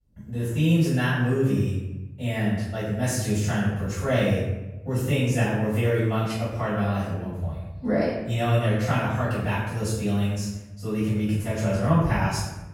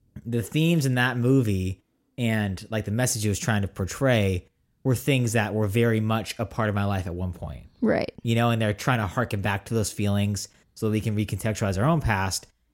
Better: second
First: off-mic speech; far // room echo; strong; dies away in 1 s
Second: none

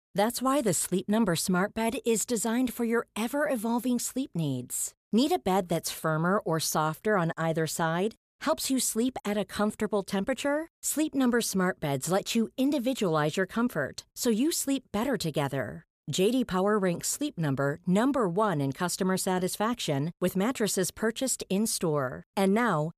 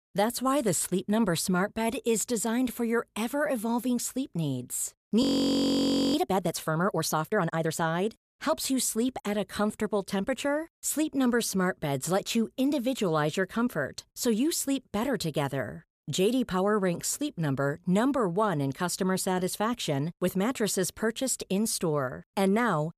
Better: first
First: none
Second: audio freezing; at 5 s for 1 s

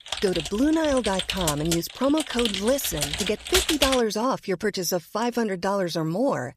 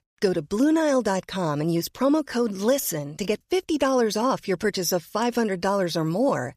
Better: second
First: keyboard typing; loud; until 4 s; peak 4 dB above the speech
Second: none

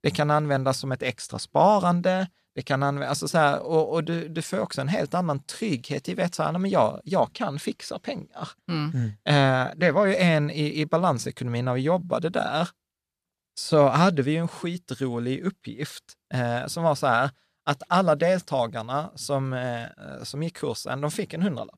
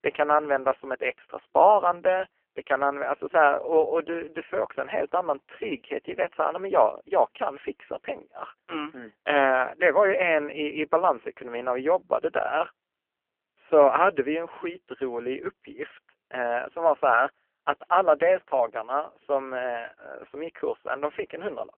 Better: first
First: none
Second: phone-call audio; poor line; nothing above 3 kHz

